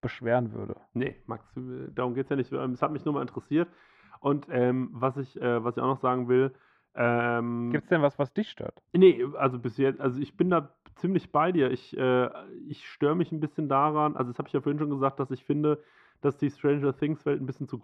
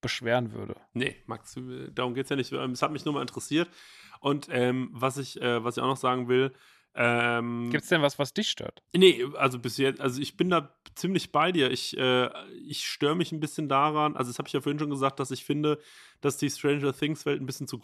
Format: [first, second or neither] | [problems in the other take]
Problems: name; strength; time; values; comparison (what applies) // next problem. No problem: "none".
second | muffled; very; fading above 4 kHz